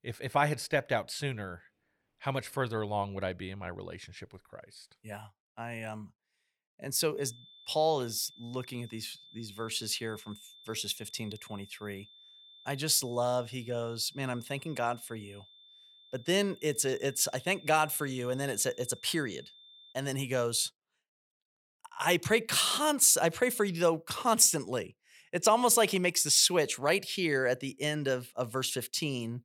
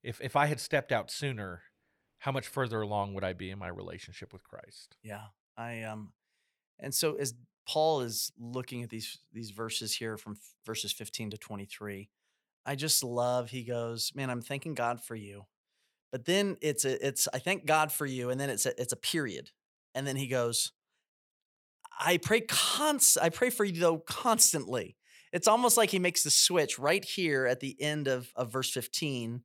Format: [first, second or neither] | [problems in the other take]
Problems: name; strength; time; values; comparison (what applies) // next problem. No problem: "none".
second | high-pitched whine; faint; from 7 to 20 s; 3.5 kHz, 25 dB below the speech